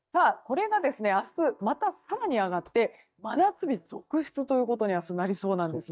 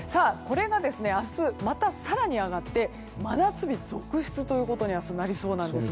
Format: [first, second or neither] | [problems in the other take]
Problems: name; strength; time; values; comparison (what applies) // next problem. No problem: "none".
second | noise reduction (neural mask model DeepFilterNet 3)